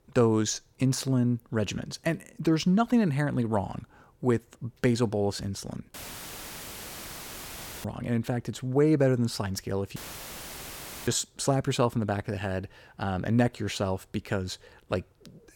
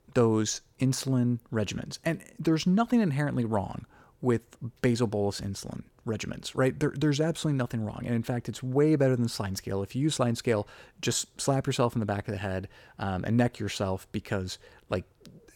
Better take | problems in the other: second | audio cutting out; filled with static; at 6 s for 2 s and at 10 s for 1 s

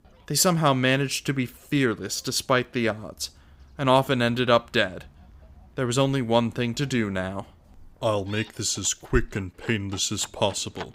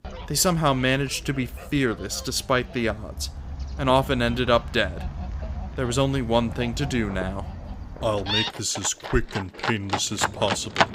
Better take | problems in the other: first | animal sounds; loud; throughout; 8 dB below the speech; faint in the first

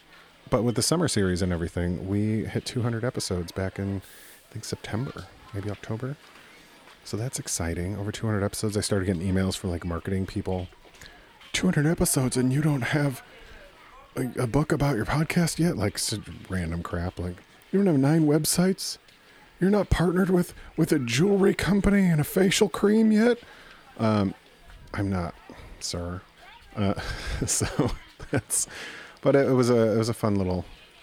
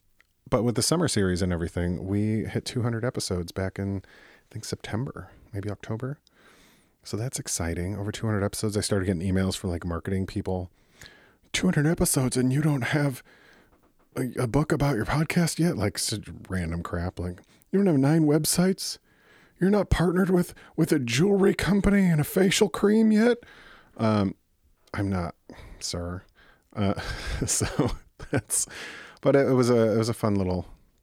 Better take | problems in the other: second | hiss; faint; throughout; 25 dB below the speech

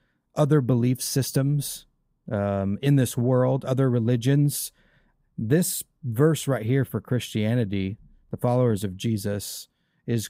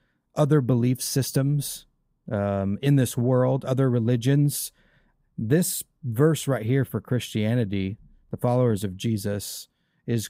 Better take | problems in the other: neither | none

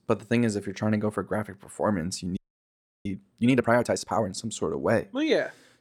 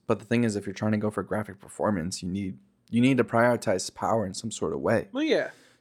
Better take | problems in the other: second | audio freezing; at 2.5 s for 0.5 s

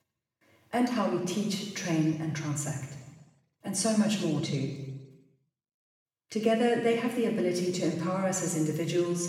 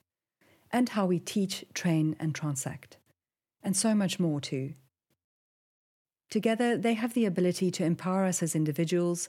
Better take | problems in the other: second | room echo; noticeable; dies away in 1.1 s // off-mic speech; far

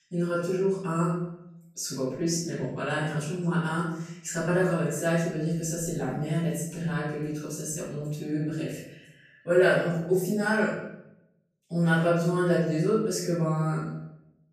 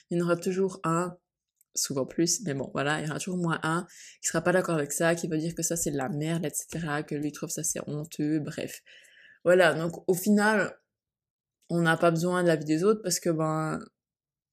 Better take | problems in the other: second | off-mic speech; far // room echo; noticeable; dies away in 0.8 s

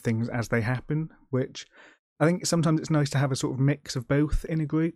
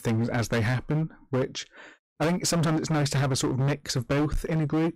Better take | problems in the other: first | distortion; heavy; 23% of the sound clipped

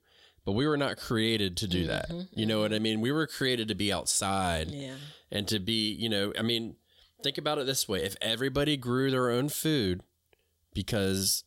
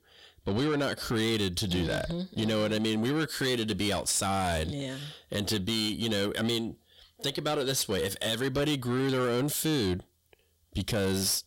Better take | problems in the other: first | distortion; slight; 10 dB below the speech

